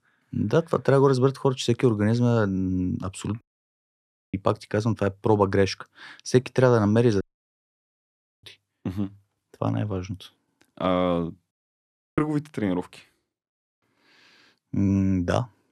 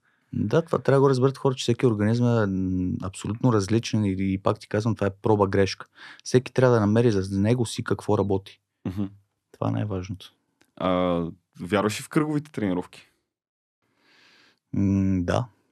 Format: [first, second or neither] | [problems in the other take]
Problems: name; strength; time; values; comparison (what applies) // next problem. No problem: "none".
second | audio cutting out; at 3.5 s for 1 s, at 7 s for 1 s and at 12 s for 0.5 s